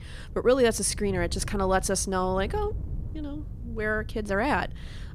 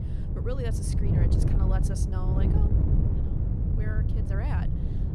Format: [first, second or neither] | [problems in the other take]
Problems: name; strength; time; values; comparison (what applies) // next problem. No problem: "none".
first | wind noise on the microphone; heavy; 1 dB above the speech; occasional gusts in the first